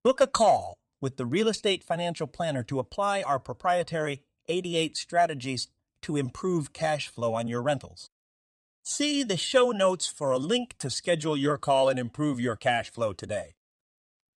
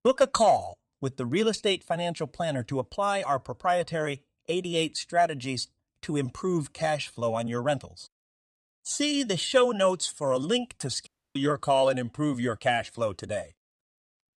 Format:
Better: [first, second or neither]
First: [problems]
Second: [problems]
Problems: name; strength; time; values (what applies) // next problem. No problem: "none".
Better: first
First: none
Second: audio cutting out; at 11 s